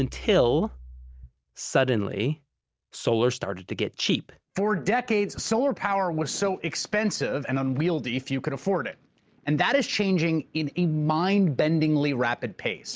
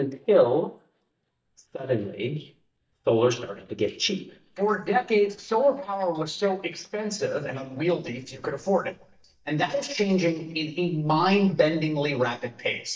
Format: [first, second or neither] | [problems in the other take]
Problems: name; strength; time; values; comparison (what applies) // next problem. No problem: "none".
first | noise reduction (neural mask model DeepFilterNet 3)